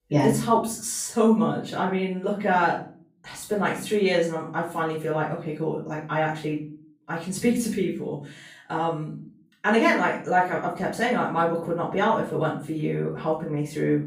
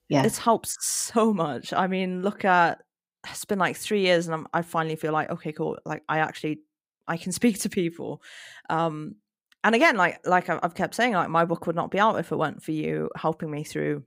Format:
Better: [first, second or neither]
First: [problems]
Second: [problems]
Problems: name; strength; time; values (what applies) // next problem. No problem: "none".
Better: second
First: off-mic speech; far // room echo; noticeable; dies away in 0.4 s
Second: none